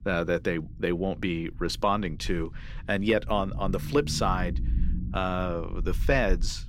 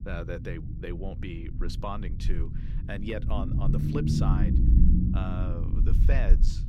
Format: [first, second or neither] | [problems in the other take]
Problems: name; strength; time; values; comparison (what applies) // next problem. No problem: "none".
first | low rumble; loud; throughout; 2 dB below the speech; faint in the first